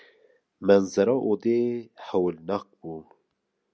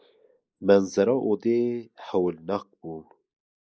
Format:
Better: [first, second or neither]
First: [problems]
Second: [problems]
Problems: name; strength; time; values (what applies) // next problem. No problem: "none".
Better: first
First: none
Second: noise reduction (neural mask model Resemble Enhance denoiser)